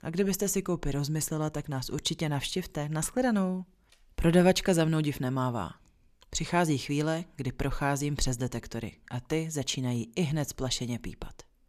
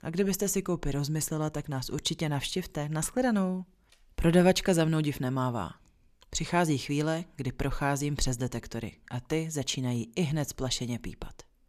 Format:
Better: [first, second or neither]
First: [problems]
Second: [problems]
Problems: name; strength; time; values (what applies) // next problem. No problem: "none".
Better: neither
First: none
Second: none